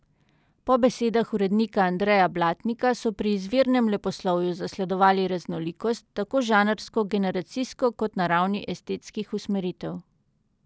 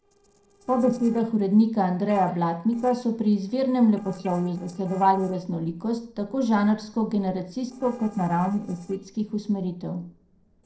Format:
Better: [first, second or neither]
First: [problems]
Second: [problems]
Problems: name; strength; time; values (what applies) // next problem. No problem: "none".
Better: first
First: none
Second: noise reduction (neural separator model SepFormer DNS4)